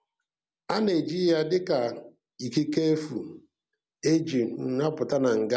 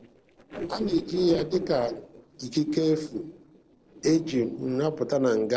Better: first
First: none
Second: noise reduction (neural separator model SepFormer DNS4)

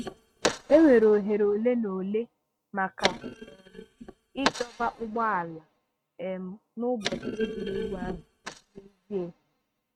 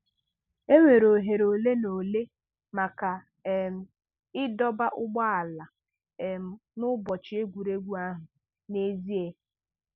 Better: second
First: noise reduction (neural mask model RNNoise)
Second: none

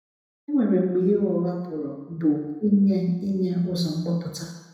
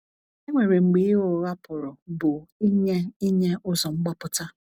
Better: second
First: room echo; dies away in 1 s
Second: none

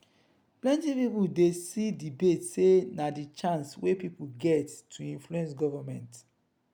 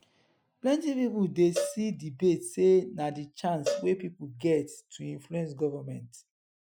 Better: first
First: none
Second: noise reduction (classical method Wiener filter)

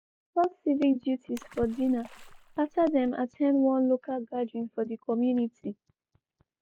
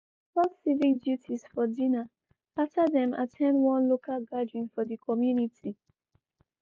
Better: second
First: background sound (Water / Splash, splatter); 18 dB below the speech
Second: none

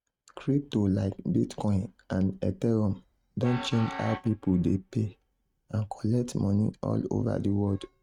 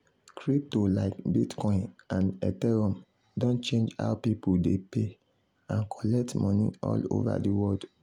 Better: second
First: noise reduction (neural mask model RNNoise)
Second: none

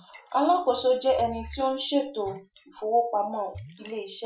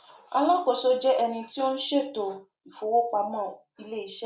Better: second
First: noise reduction (classical method Wiener filter)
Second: none

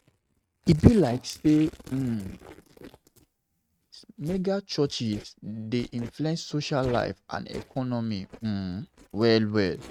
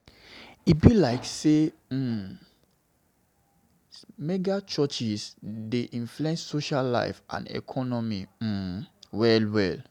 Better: second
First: noise reduction (neural mask model RNNoise)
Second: none

